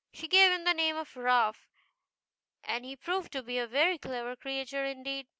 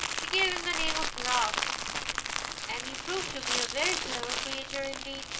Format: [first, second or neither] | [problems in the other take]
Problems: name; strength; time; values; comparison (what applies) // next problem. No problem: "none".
first | background sound (Crumpling, crinkling); 2 dB above the speech // room echo; dies away in 0.3 s